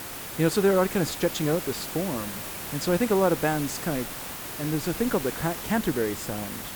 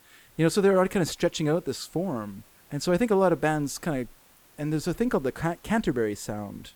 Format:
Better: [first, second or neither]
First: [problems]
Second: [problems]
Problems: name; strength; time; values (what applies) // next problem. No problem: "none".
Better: second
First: hiss; loud; throughout; 7 dB below the speech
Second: hiss; faint; throughout; 30 dB below the speech